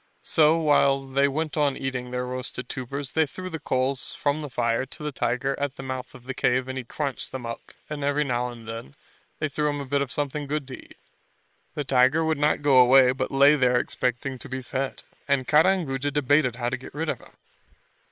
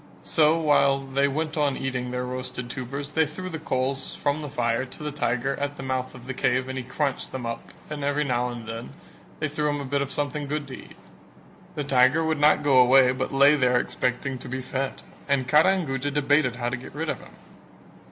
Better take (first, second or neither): second